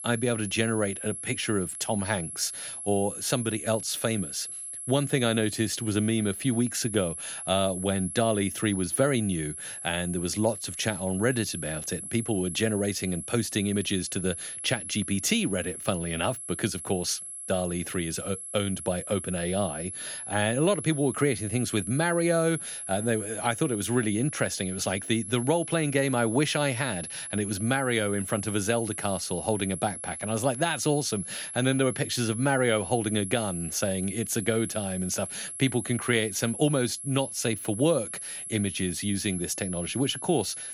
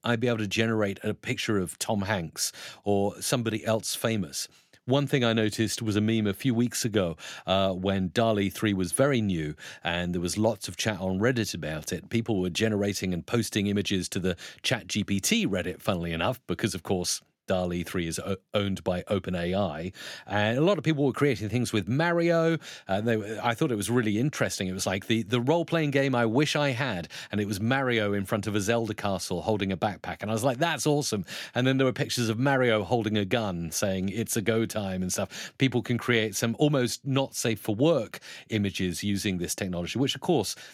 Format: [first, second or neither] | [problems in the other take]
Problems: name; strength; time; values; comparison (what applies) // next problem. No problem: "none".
second | high-pitched whine; loud; throughout; 11 kHz, 7 dB below the speech